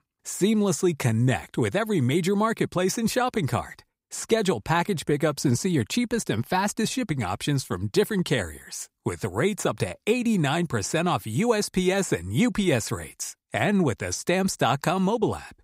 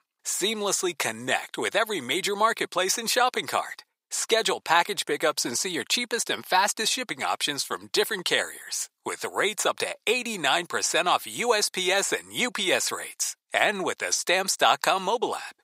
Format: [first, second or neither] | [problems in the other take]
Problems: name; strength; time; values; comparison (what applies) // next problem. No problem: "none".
first | thin; very; fading below 600 Hz